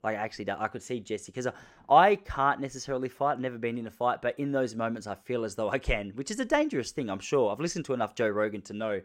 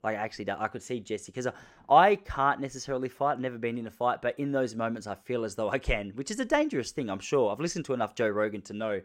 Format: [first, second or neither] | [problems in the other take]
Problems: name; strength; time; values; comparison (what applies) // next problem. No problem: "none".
neither | none